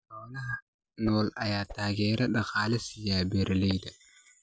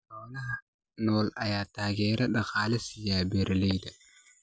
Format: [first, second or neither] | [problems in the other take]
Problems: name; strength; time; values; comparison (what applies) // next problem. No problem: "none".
second | background sound (Whoosh, swoosh, swish); 18 dB below the speech